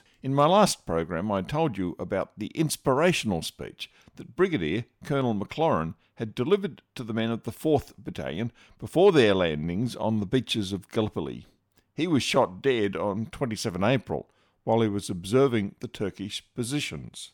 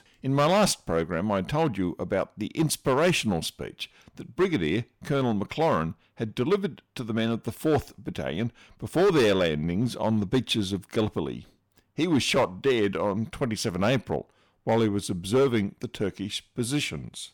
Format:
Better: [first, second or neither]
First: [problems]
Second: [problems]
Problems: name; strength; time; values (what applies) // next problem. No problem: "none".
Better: first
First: none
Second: distortion; slight; 4% of the sound clipped